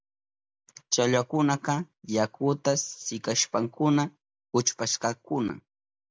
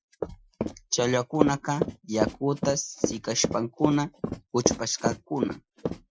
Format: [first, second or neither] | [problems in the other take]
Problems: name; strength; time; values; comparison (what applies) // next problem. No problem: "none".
first | noise reduction (classical method Wiener filter)